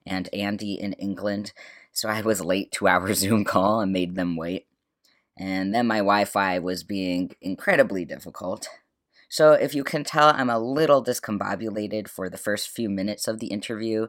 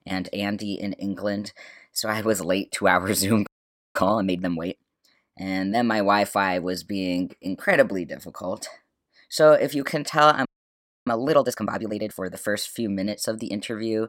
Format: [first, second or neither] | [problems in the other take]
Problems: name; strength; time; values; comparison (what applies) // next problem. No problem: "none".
first | audio freezing; at 3.5 s and at 10 s for 0.5 s